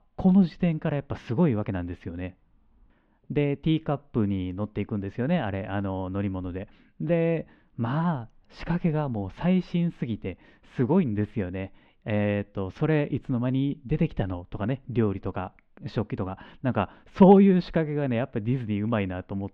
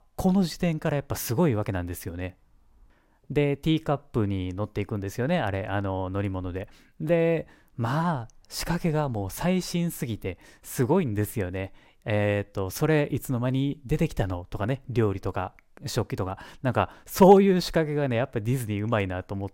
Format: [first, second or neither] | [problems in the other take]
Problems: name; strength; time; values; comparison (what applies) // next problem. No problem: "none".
second | muffled; slightly; fading above 3 kHz